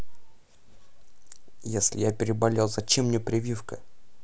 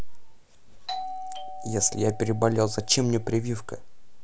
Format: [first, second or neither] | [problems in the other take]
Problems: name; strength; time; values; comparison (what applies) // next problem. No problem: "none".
first | background sound (Doorbell); 13 dB below the speech